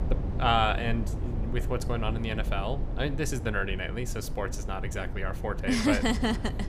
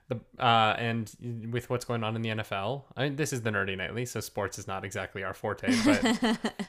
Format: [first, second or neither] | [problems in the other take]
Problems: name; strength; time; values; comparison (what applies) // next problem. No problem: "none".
second | low rumble; noticeable; throughout; 15 dB below the speech